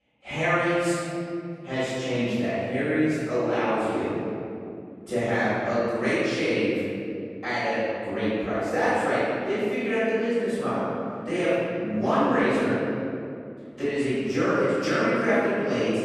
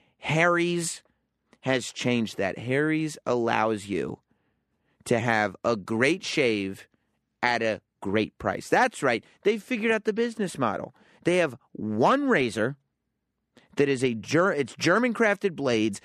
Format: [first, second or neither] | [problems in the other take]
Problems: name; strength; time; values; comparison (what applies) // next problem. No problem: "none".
second | off-mic speech; far // room echo; strong; dies away in 2.6 s